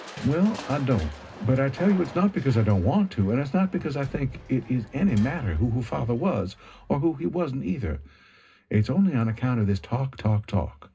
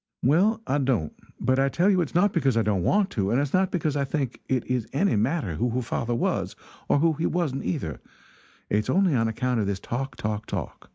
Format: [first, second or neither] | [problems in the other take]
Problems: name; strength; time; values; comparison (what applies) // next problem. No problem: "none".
second | background sound (Crushing); 19 dB below the speech // room echo; dies away in 0.2 s